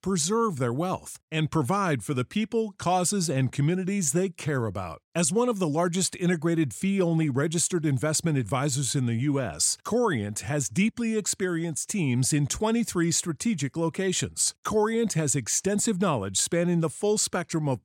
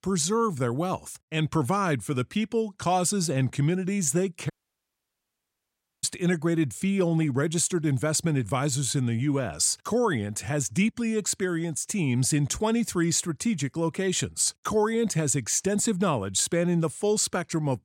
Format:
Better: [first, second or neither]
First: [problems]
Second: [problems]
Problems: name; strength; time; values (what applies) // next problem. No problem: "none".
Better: first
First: none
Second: audio cutting out; at 4.5 s for 1.5 s